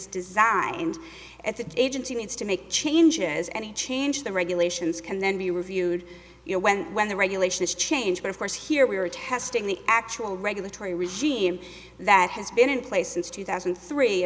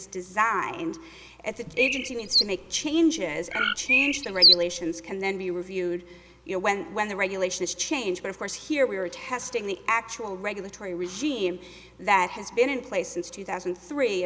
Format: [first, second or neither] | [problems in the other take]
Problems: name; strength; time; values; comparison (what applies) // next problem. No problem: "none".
first | background sound (Bird); 3 dB above the speech